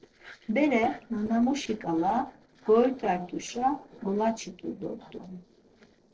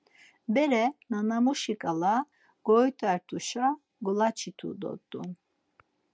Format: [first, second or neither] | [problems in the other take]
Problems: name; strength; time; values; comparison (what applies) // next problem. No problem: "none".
second | noise reduction (neural separator model SepFormer DNS4)